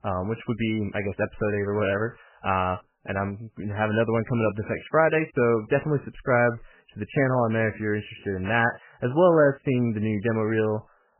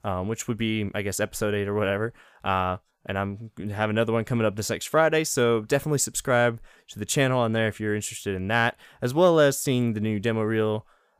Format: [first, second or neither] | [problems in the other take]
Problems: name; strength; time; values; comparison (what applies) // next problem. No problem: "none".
second | garbled, watery; badly; nothing above 3 kHz